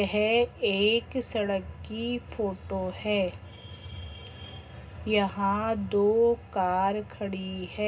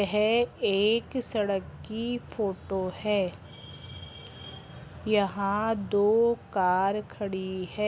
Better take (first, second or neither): second